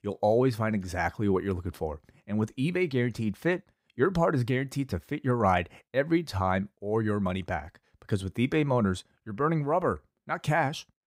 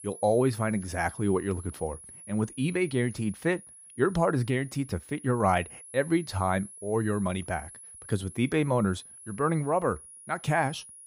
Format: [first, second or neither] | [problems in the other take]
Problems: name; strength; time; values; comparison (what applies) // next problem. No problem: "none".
first | high-pitched whine; noticeable; throughout; 10.5 kHz, 15 dB below the speech